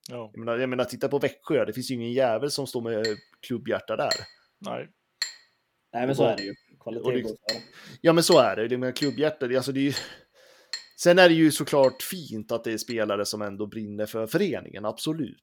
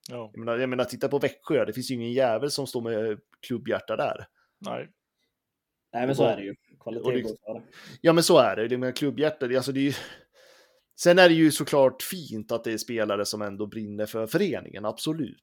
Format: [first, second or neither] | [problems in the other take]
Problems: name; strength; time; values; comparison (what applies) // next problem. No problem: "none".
second | clattering dishes; noticeable; from 3 to 13 s; peak 5 dB below the speech